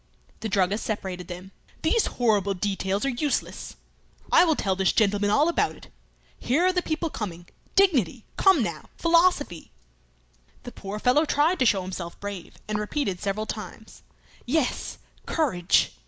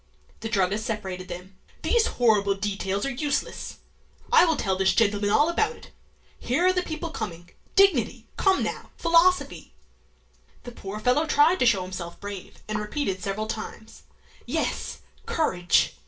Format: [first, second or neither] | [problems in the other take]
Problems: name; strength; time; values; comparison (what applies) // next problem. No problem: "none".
first | room echo; dies away in 0.2 s